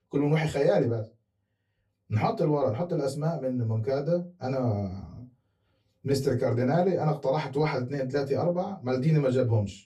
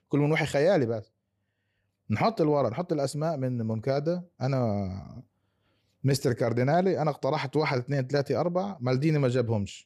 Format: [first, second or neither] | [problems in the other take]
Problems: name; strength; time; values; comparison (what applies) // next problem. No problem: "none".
second | off-mic speech; far // room echo; very slight; dies away in 0.2 s